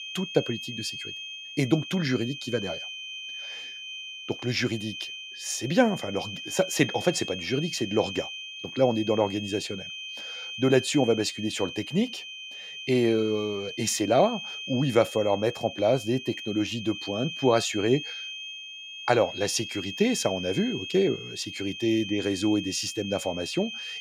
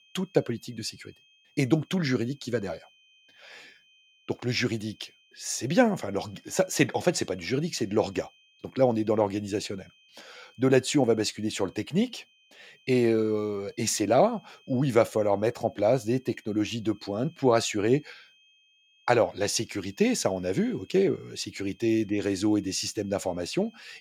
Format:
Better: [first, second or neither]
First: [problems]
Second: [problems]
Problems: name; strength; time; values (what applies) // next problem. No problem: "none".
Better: second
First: high-pitched whine; loud; throughout; 3 kHz, 9 dB below the speech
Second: high-pitched whine; faint; throughout; 3 kHz, 30 dB below the speech